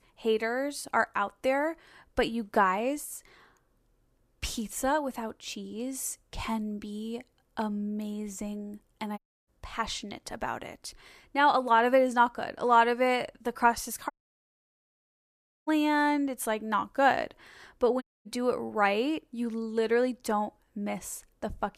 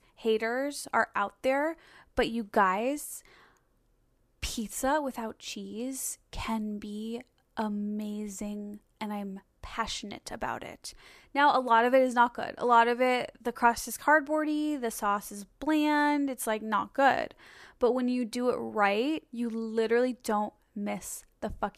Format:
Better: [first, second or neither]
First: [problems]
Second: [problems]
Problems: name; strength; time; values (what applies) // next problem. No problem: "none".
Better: second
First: audio cutting out; at 9 s, at 14 s for 1.5 s and at 18 s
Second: none